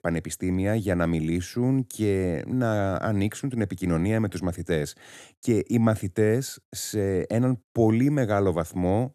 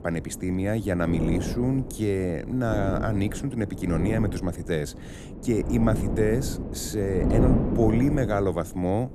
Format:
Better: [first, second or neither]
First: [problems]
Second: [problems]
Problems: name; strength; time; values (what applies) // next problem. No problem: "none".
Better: first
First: none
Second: wind noise on the microphone; heavy; 6 dB below the speech